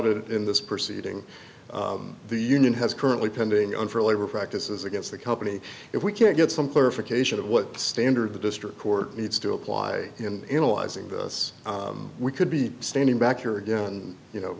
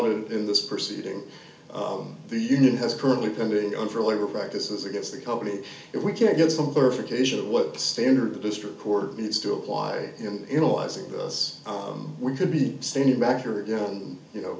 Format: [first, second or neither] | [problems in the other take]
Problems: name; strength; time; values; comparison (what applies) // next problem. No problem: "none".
first | room echo; dies away in 0.4 s